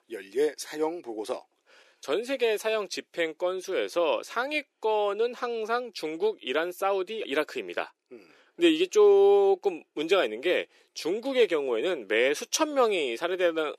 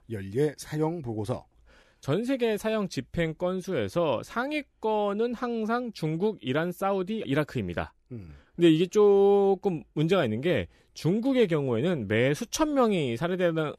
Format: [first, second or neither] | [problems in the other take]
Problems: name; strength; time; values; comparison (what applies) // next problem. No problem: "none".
second | thin; somewhat; fading below 350 Hz